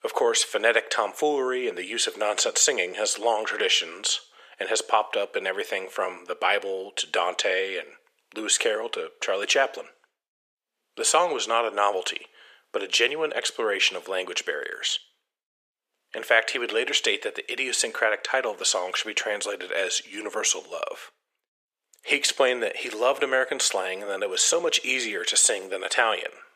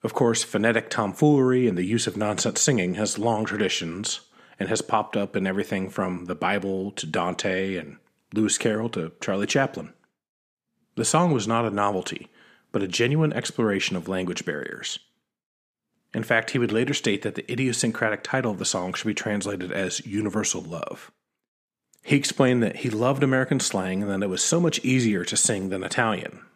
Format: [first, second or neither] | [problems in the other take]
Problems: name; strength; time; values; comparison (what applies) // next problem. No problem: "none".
second | thin; very; fading below 500 Hz